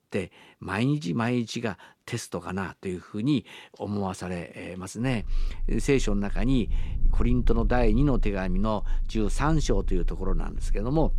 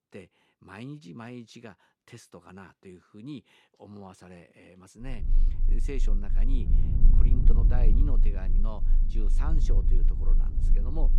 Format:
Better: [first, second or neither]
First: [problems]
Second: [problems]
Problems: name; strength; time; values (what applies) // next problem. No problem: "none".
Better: first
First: low rumble; faint; from 5 s on; 25 dB below the speech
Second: low rumble; loud; from 5 s on; 3 dB below the speech